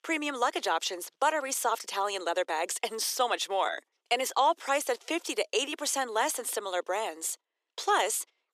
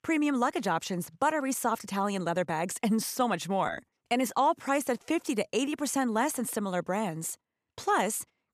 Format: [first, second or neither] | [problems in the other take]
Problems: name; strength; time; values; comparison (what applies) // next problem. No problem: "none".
second | thin; very; fading below 350 Hz